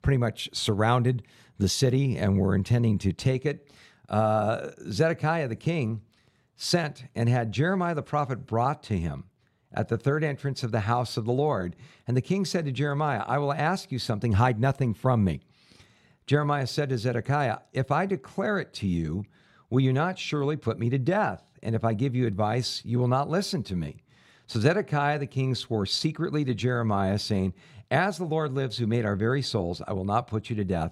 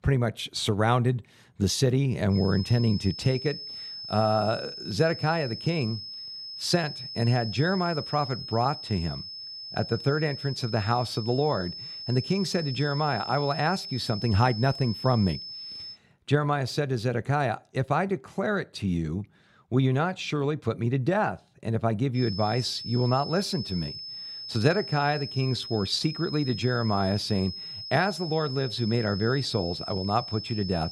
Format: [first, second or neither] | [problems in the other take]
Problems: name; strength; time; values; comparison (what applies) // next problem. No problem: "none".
first | high-pitched whine; loud; from 2.5 to 16 s and from 22 s on; 5 kHz, 9 dB below the speech